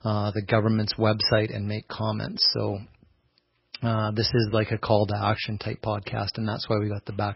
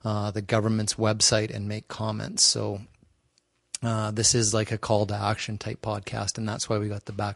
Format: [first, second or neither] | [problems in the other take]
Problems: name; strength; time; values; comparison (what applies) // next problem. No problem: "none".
second | garbled, watery; badly; nothing above 5.5 kHz; slightly in the second